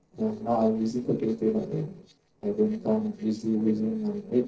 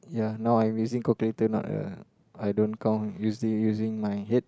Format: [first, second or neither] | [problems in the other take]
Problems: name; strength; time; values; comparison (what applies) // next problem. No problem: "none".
second | noise reduction (neural separator model SepFormer DNS4)